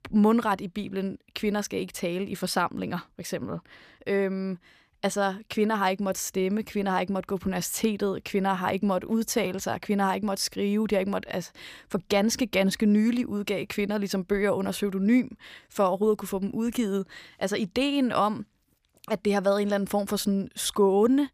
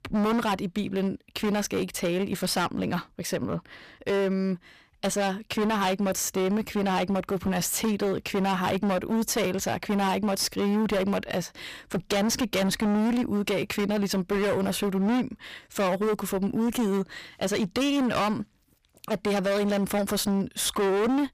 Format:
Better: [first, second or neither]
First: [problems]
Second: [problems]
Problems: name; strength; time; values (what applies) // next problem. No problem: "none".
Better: first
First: none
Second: distortion; heavy; 25% of the sound clipped